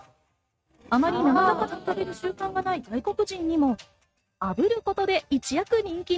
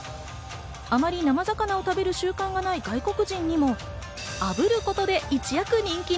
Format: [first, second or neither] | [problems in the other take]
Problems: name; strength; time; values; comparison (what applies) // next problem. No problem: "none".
second | noise reduction (neural mask model RNNoise)